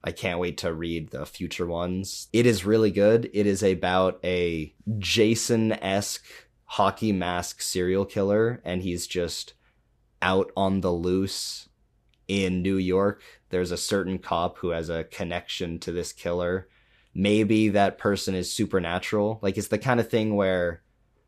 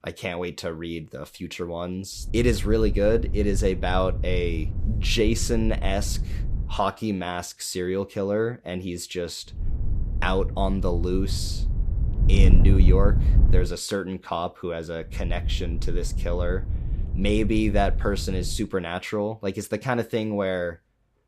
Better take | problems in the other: first | wind noise on the microphone; occasional gusts; from 2.5 to 6.5 s, from 9.5 to 14 s and from 15 to 19 s; 15 dB below the speech

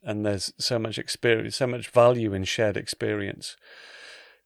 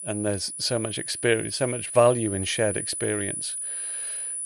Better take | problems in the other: first | high-pitched whine; loud; throughout; 10 kHz, 5 dB below the speech

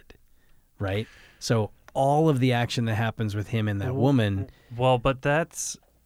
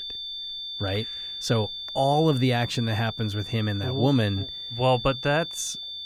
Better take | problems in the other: first | high-pitched whine; loud; throughout; 3.5 kHz, 7 dB below the speech

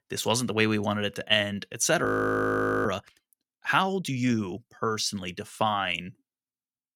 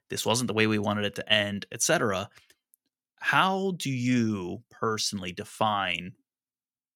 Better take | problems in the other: second | audio freezing; at 2 s for 1 s

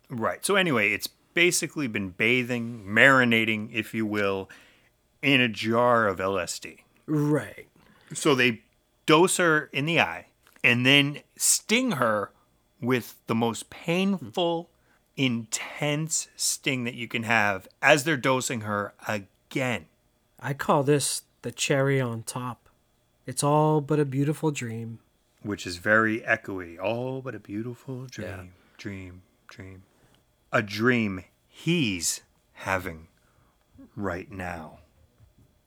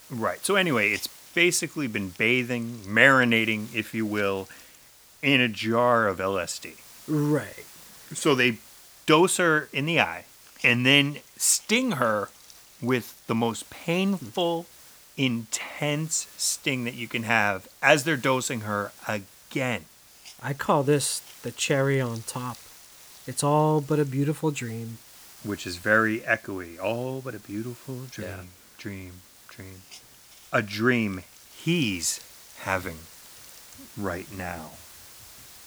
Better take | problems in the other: first | hiss; faint; throughout; 20 dB below the speech

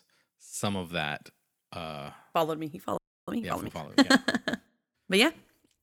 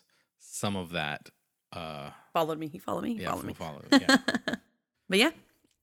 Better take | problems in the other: second | audio freezing; at 3 s

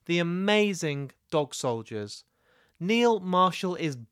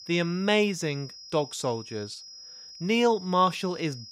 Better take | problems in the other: first | high-pitched whine; noticeable; throughout; 5 kHz, 15 dB below the speech

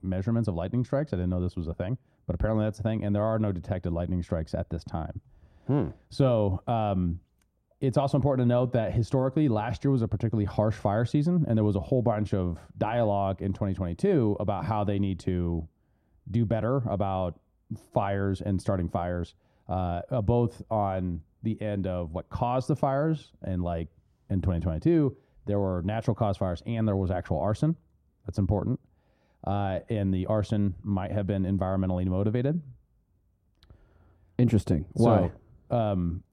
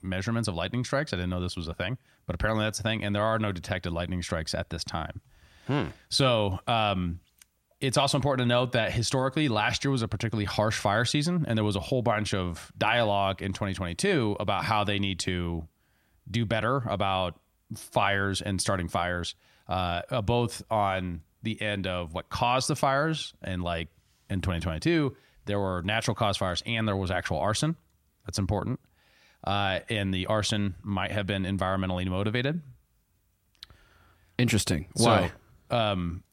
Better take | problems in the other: second | muffled; very; fading above 1 kHz

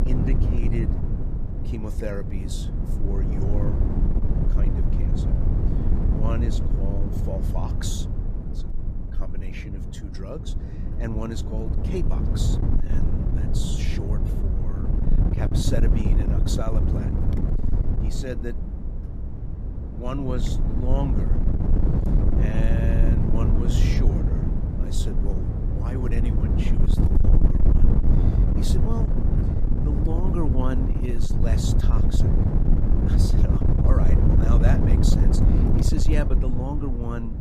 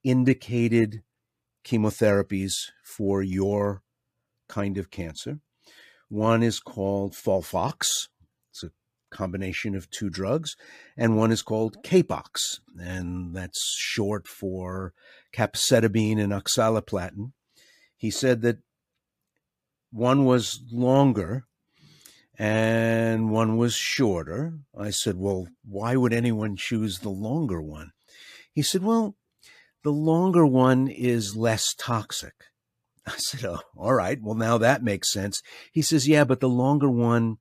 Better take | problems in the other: second | wind noise on the microphone; heavy; 1 dB above the speech

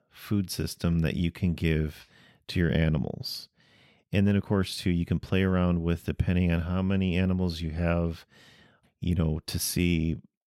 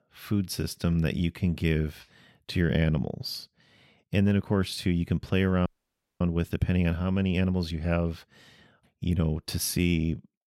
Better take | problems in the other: first | audio freezing; at 5.5 s for 0.5 s

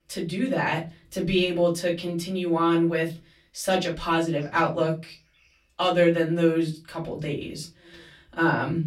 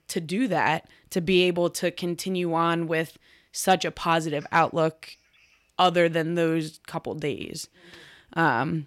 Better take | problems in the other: second | off-mic speech; far // room echo; very slight; dies away in 0.3 s

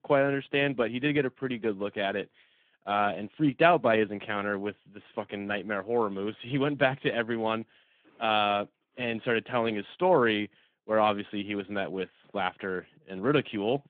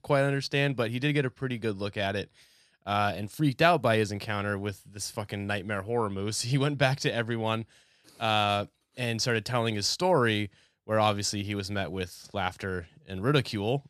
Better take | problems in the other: second | phone-call audio; nothing above 3.5 kHz

